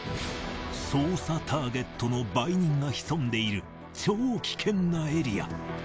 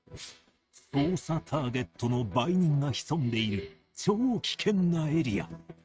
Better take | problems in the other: first | noise reduction (neural mask model RNNoise)

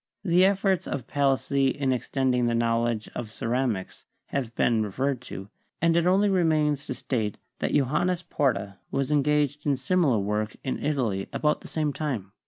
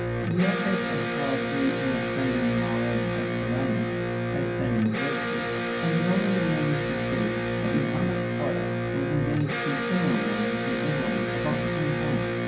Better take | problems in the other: first | background sound (Electric guitar); 1 dB above the speech // room echo; dies away in 0.6 s

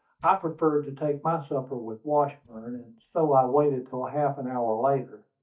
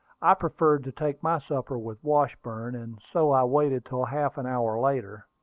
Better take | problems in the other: second | noise reduction (neural mask model DeepFilterNet 3)

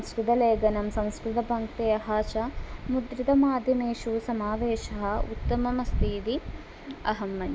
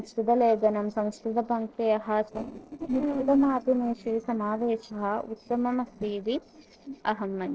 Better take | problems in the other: first | noise reduction (neural separator model SepFormer DNS4)

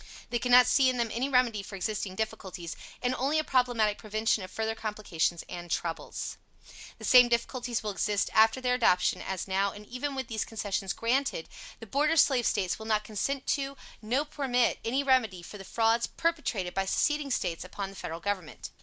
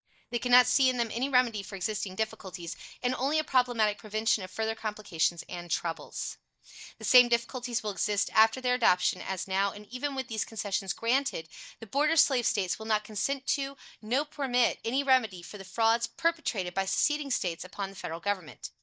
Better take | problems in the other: first | noise reduction (neural mask model DeepFilterNet 3)

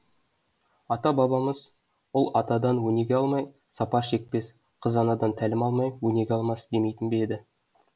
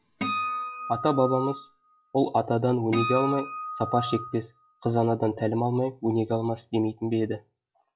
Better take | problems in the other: first | noise reduction (classical method log-MMSE)

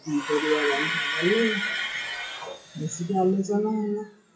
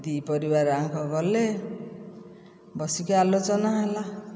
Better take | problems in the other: second | noise reduction (classical method WPE with log-MMSE)

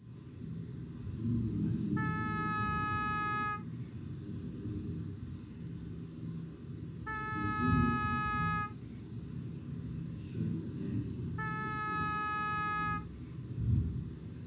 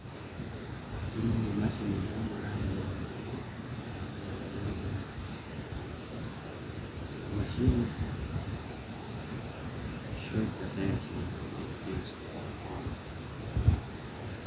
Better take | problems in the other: second | background sound (Wind instrument, woodwind instrument); as loud as the speech // room echo; dies away in 1.1 s

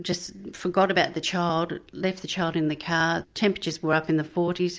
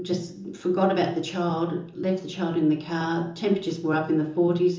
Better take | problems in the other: first | room echo; dies away in 0.6 s

